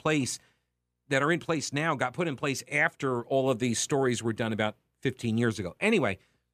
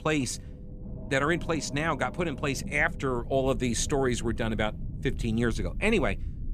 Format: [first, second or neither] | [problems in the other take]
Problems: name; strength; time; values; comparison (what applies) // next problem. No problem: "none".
first | low rumble; noticeable; throughout; 20 dB below the speech